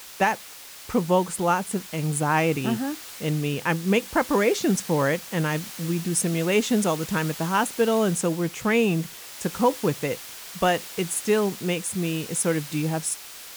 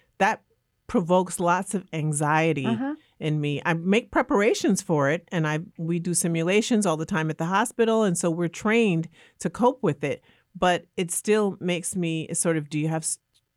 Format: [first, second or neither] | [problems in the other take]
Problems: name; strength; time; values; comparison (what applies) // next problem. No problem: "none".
second | hiss; noticeable; throughout; 10 dB below the speech